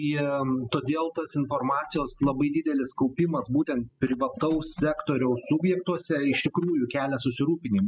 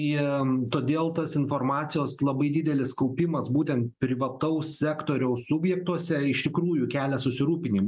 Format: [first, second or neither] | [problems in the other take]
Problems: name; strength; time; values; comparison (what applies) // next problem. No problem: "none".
second | noise reduction (classical method spectral subtraction)